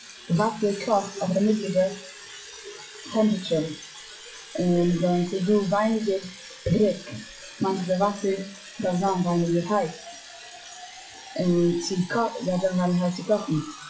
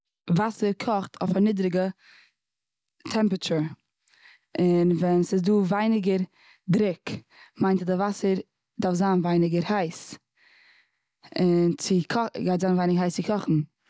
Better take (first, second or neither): second